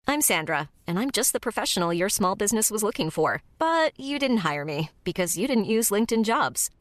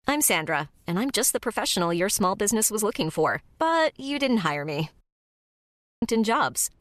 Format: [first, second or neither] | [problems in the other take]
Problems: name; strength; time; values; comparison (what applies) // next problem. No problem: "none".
first | audio cutting out; at 5 s for 1 s